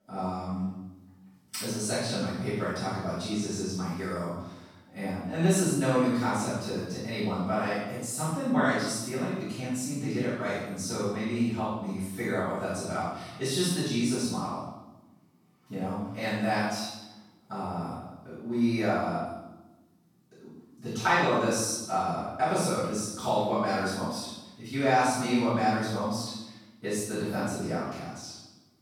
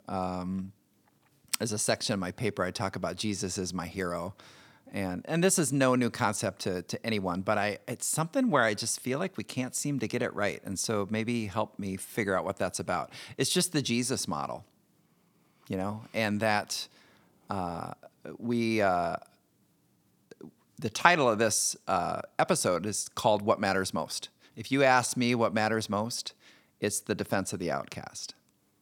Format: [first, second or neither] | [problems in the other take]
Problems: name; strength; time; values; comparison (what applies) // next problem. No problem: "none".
second | off-mic speech; far // room echo; strong; dies away in 0.9 s